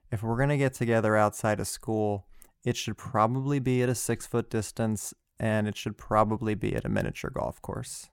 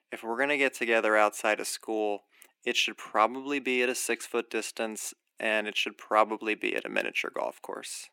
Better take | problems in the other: first | thin; somewhat; fading below 300 Hz

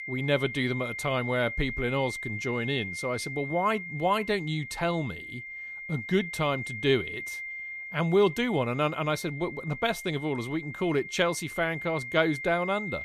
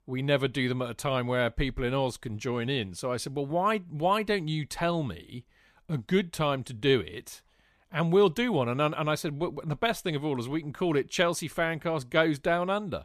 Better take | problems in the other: second | high-pitched whine; loud; throughout; 2 kHz, 8 dB below the speech

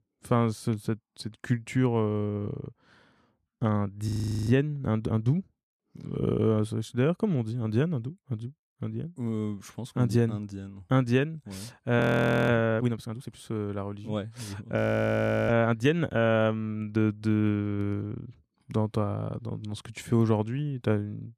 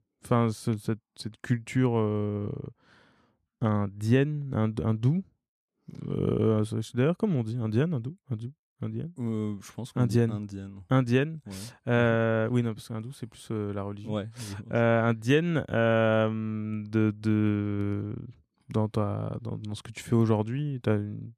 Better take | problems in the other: second | audio freezing; at 4 s, at 12 s and at 15 s for 0.5 s

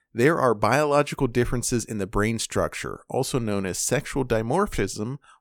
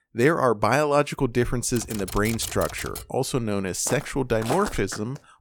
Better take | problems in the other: first | keyboard typing; noticeable; from 2 to 3 s; peak 9 dB below the speech // footsteps; noticeable; from 4 s on; peak 8 dB below the speech

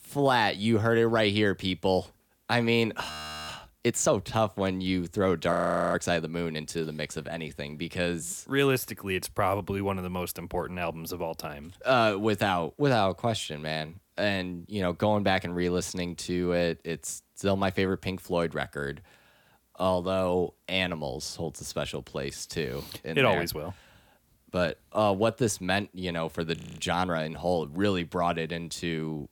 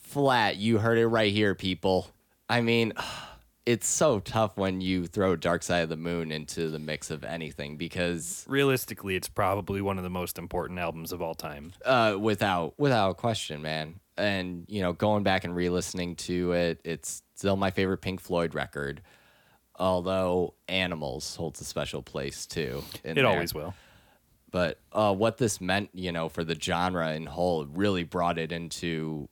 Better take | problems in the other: second | audio freezing; at 3 s, at 5.5 s and at 27 s

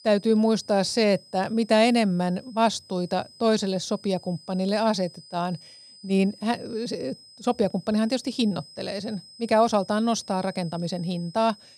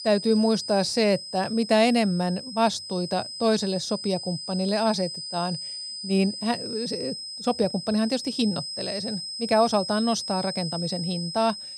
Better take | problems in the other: first | high-pitched whine; loud; throughout; 5 kHz, 7 dB below the speech; faint in the first

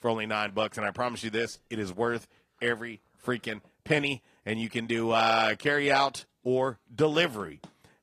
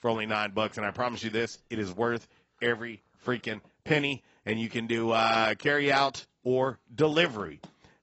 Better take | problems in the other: first | garbled, watery; badly; nothing above 8 kHz; slightly in the first

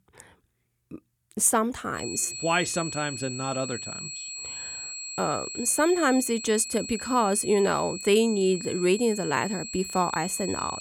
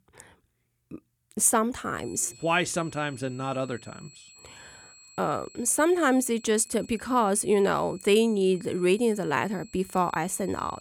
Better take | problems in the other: second | high-pitched whine; loud; from 2 s on; 7.5 kHz, 9 dB below the speech; faint in the second

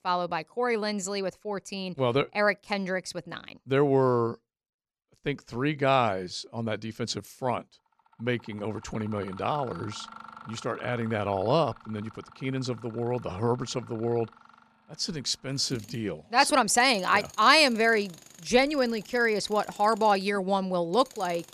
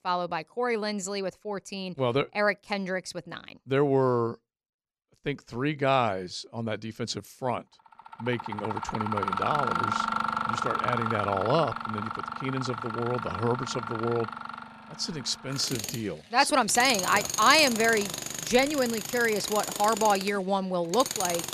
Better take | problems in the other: first | machinery noise; loud; from 8.5 s on; 4 dB below the speech; faint in the first

